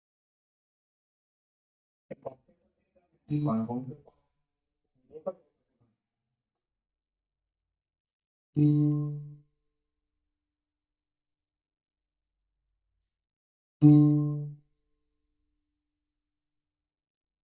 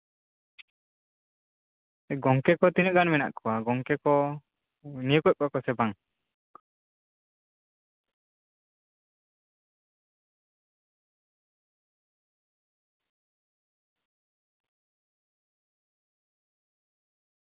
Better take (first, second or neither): second